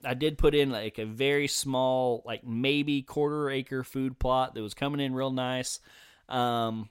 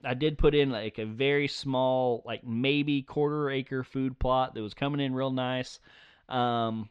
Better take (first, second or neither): first